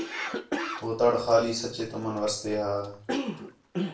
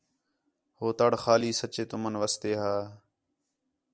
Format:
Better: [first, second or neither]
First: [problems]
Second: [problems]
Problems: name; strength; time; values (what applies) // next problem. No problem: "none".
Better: second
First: background sound (Cough); 7 dB below the speech // room echo; dies away in 0.3 s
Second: none